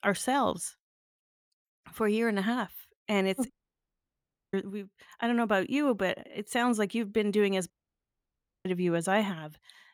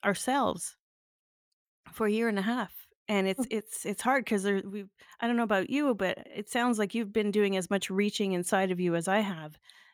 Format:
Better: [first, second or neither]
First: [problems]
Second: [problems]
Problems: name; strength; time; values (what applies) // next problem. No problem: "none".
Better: second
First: audio cutting out; at 3.5 s for 1 s and at 7.5 s for 1 s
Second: none